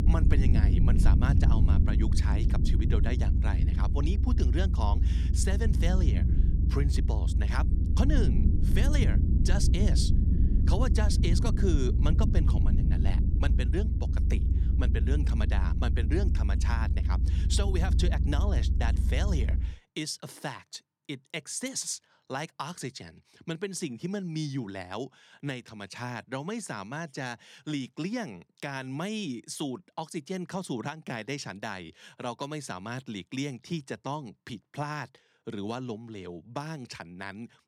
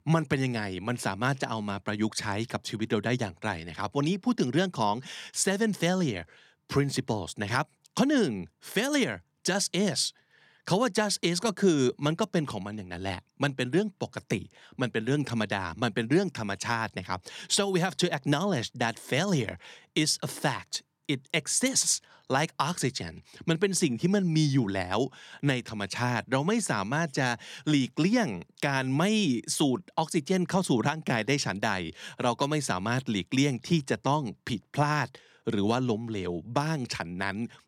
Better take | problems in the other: second | low rumble; loud; until 20 s; 4 dB below the speech

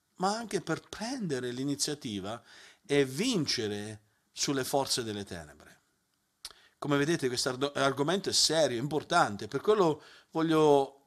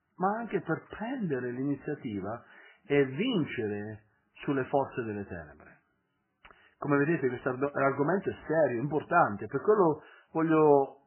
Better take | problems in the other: first | garbled, watery; badly; nothing above 3 kHz

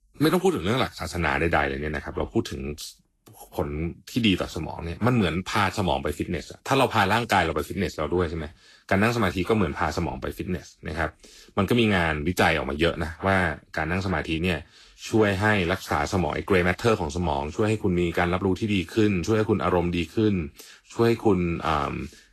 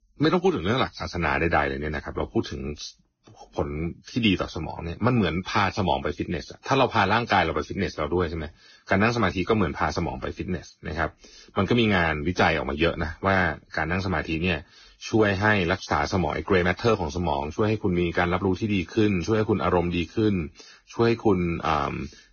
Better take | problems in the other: first | garbled, watery; badly; nothing above 6.5 kHz; slightly in the first

